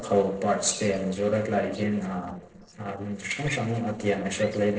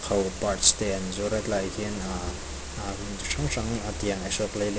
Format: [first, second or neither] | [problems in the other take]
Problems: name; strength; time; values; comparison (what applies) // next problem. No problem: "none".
second | noise reduction (neural separator model SepFormer DNS4)